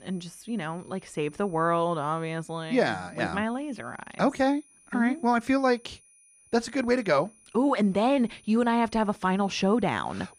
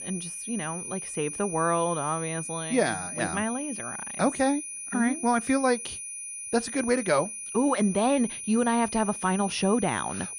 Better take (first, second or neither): first